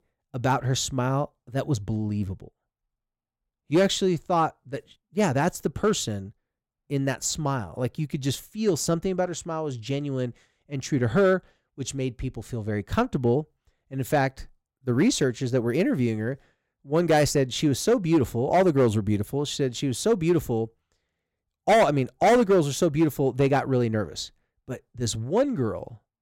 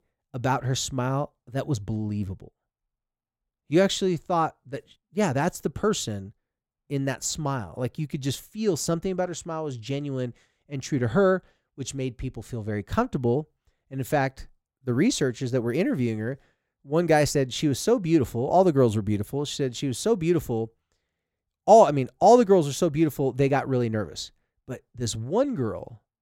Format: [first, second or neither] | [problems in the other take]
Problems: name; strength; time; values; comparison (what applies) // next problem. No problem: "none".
second | distortion; slight; 2% of the sound clipped